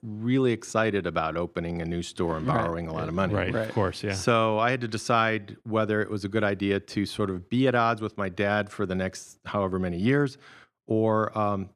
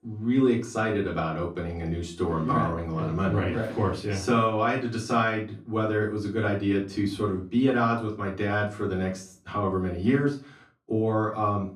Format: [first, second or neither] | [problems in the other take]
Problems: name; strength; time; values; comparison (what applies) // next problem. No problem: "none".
first | off-mic speech; far // room echo; slight; dies away in 0.3 s